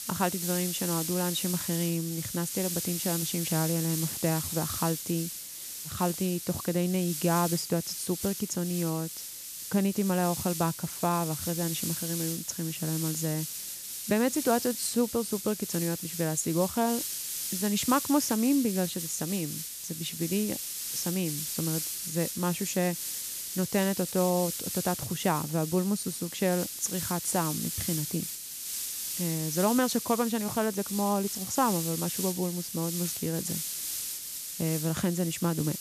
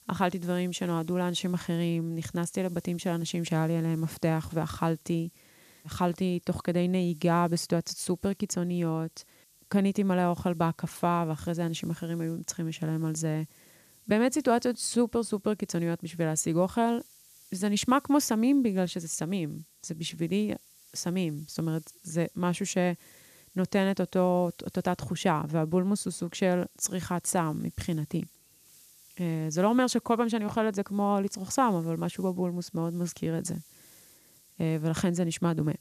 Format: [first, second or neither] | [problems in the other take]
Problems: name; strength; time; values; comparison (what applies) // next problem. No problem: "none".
second | hiss; loud; throughout; 3 dB below the speech; faint in the second